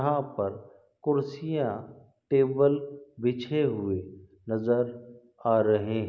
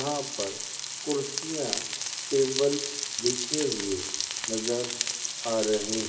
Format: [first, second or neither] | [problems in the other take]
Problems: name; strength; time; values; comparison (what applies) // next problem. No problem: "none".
first | background sound (Frying (food)); 2 dB below the speech // room echo; dies away in 0.2 s